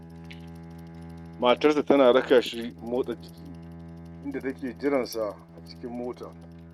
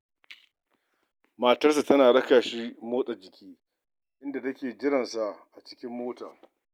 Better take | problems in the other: second | noise reduction (neural mask model RNNoise)

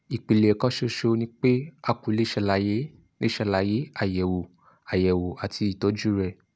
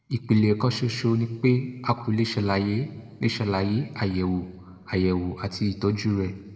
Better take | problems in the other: first | room echo; dies away in 1.5 s

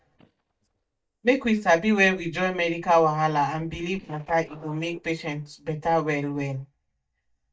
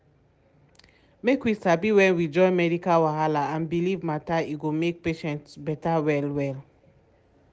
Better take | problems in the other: second | noise reduction (neural mask model DeepFilterNet 3)

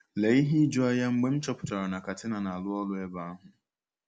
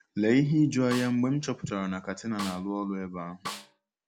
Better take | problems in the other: first | background sound (Snare drum); 13 dB below the speech

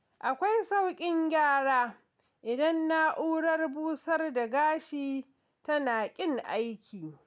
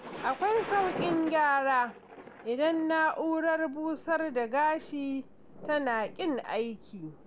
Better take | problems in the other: first | background sound (Thunder); 13 dB below the speech

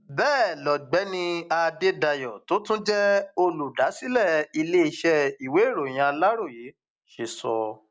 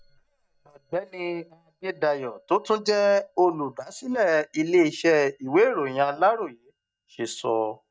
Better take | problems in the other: first | noise reduction (neural mask model DeepFilterNet 3)

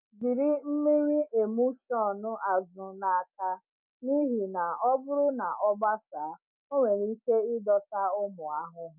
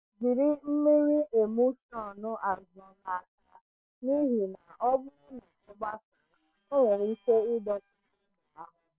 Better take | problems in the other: first | noise reduction (neural separator model SepFormer WHAM!)

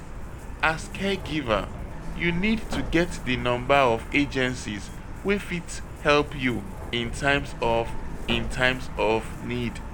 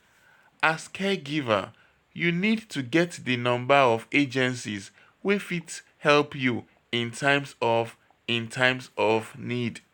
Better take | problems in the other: second | background sound (Truck); 7 dB below the speech

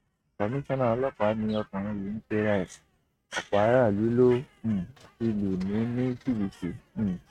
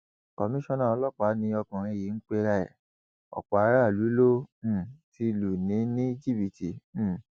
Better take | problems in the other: second | noise reduction (neural mask model RNNoise)

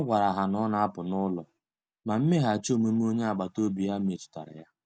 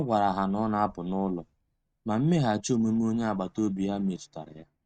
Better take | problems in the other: first | noise reduction (neural mask model RNNoise)

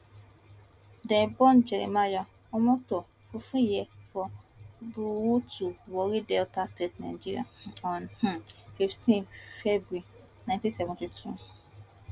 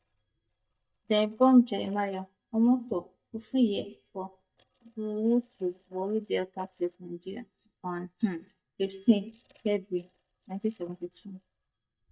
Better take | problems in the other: first | noise reduction (neural mask model DeepFilterNet 3)

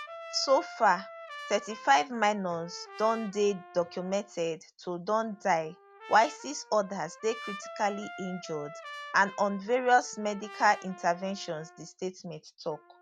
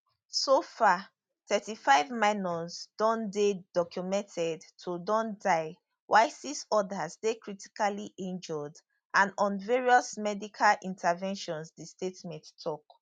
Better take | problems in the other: second | background sound (Trumpet); 16 dB below the speech

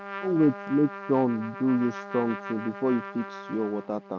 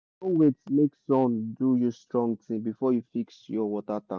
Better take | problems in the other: second | background sound (Trumpet); 12 dB below the speech

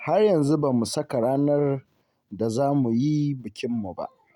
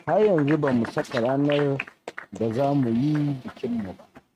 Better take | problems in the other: first | noise reduction (neural mask model RNNoise)

